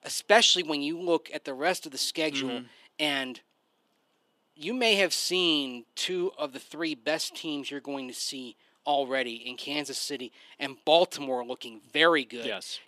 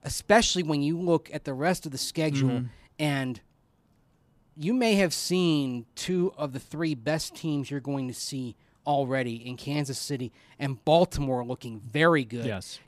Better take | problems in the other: second | thin; somewhat; fading below 300 Hz

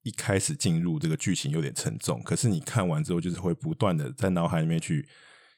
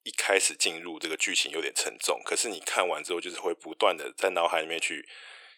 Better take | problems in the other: first | thin; very; fading below 400 Hz

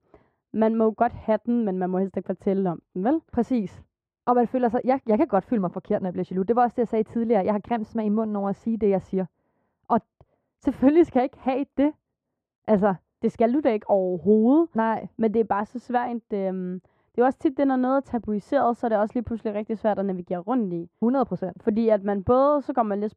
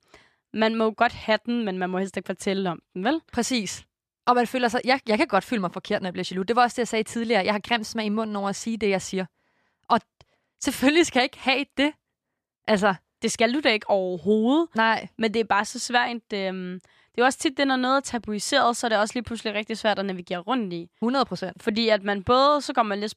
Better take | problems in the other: second | muffled; very; fading above 2 kHz

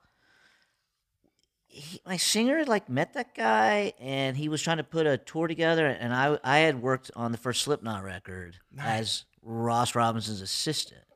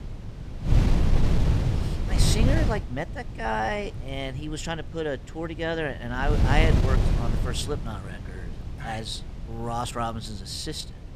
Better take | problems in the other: first | wind noise on the microphone; heavy; 5 dB below the speech

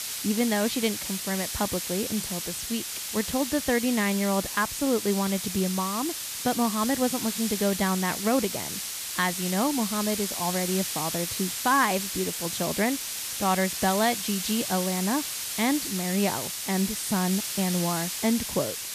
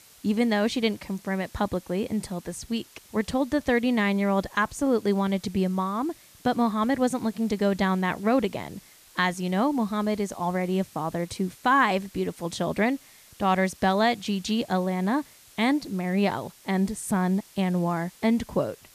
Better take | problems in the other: second | hiss; loud; throughout; 3 dB below the speech; faint in the second

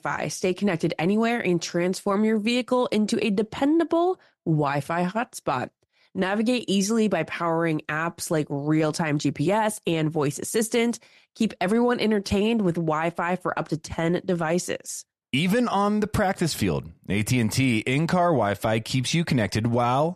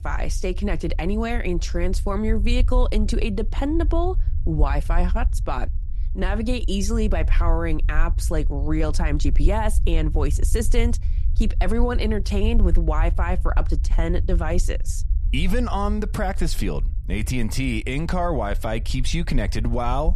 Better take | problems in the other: first | low rumble; noticeable; throughout; 20 dB below the speech

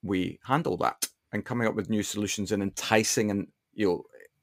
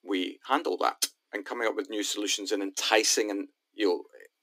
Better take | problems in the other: first | thin; very slightly; fading below 300 Hz

